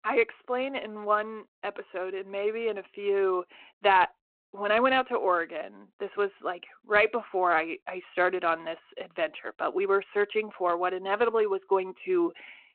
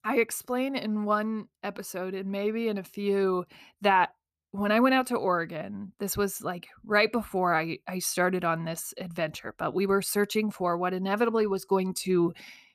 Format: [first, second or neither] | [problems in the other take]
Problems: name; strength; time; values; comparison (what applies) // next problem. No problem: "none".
second | phone-call audio; nothing above 4 kHz